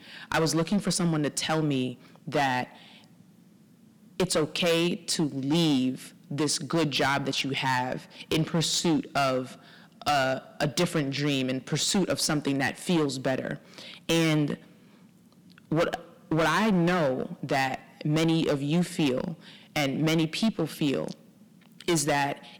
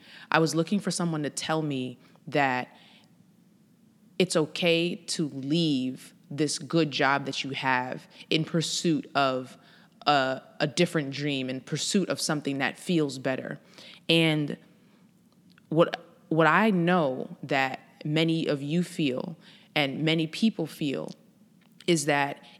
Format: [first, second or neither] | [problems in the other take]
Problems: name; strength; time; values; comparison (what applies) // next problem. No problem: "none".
second | distortion; heavy; 10% of the sound clipped